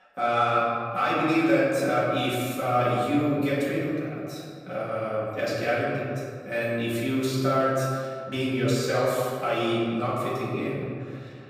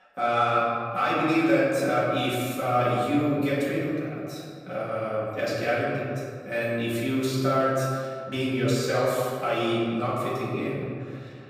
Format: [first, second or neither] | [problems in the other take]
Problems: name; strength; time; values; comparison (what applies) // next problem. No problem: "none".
neither | room echo; strong; dies away in 1.9 s; the same in both // off-mic speech; far; the same in both